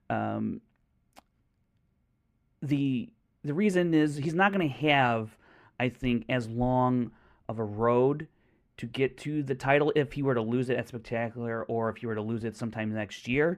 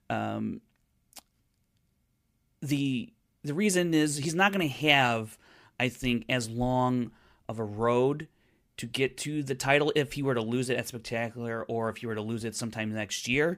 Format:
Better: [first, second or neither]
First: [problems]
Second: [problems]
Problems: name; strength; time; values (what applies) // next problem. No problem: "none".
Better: second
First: muffled; slightly; fading above 3 kHz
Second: none